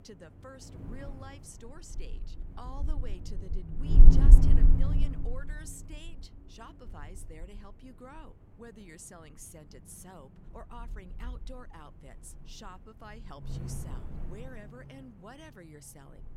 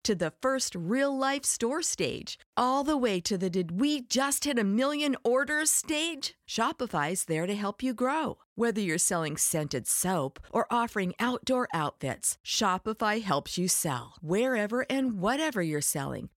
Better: second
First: wind noise on the microphone; heavy; 3 dB above the speech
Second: none

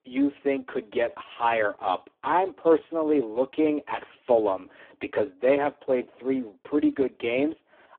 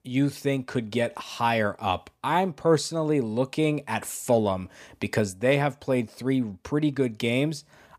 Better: second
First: phone-call audio; poor line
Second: none

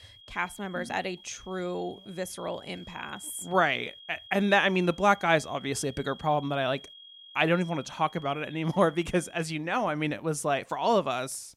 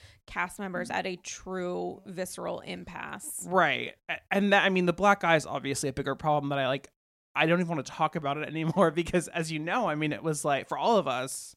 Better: second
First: high-pitched whine; noticeable; until 9.5 s; 3.5 kHz, 20 dB below the speech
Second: none

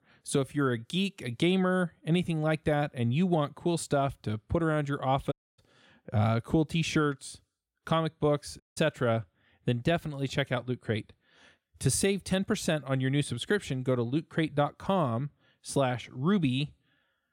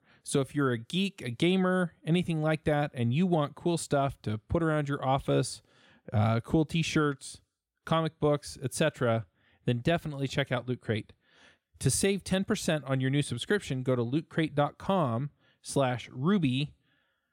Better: second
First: audio cutting out; at 5.5 s and at 8.5 s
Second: none

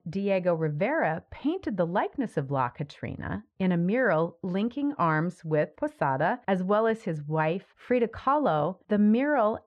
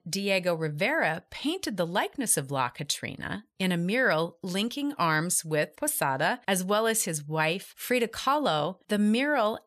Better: second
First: muffled; very; fading above 1.5 kHz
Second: none

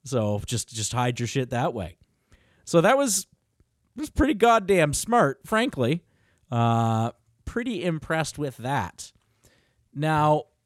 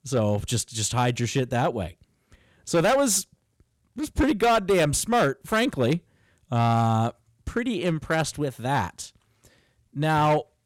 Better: first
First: none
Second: distortion; slight; 6% of the sound clipped

